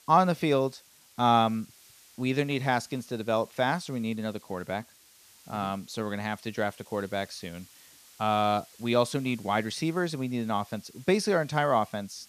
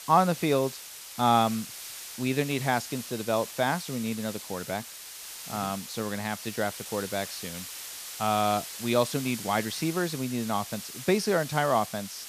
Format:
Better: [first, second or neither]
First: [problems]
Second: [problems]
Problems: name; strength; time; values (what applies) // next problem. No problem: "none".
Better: first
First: hiss; faint; throughout; 25 dB below the speech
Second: hiss; loud; throughout; 10 dB below the speech